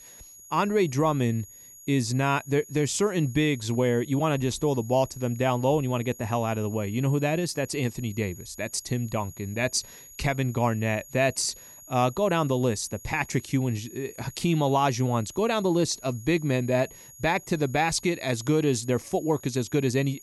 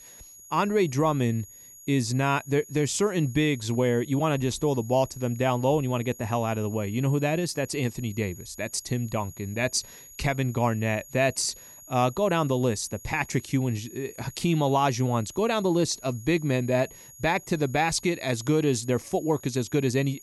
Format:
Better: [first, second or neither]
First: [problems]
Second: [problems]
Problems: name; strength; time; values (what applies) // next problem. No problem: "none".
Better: neither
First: high-pitched whine; noticeable; throughout; 6.5 kHz, 20 dB below the speech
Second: high-pitched whine; noticeable; throughout; 6.5 kHz, 20 dB below the speech